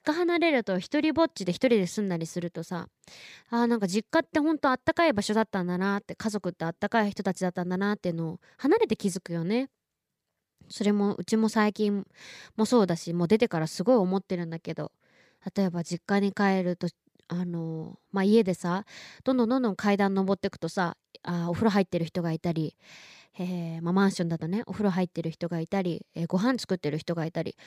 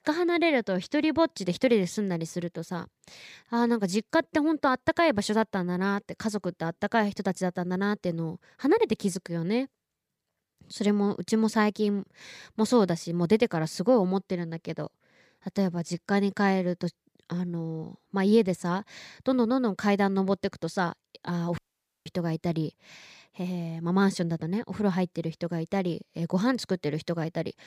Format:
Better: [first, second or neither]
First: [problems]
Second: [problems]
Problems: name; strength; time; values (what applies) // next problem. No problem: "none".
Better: first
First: none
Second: audio cutting out; at 22 s